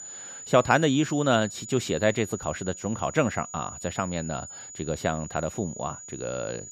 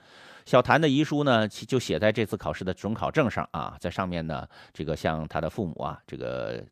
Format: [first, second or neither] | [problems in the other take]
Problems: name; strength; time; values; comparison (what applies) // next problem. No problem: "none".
second | high-pitched whine; noticeable; throughout; 7 kHz, 10 dB below the speech